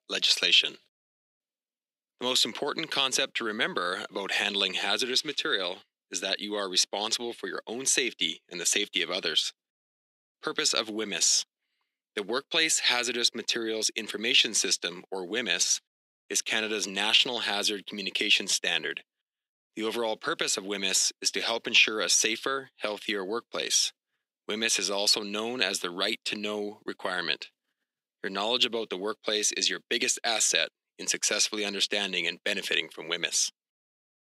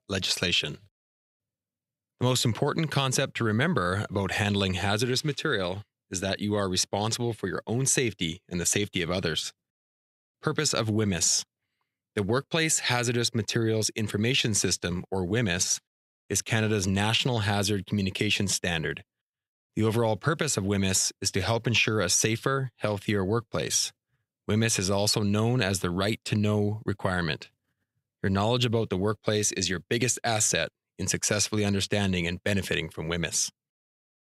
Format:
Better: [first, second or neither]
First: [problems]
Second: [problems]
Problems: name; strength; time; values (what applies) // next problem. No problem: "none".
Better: second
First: thin; somewhat; fading below 250 Hz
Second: none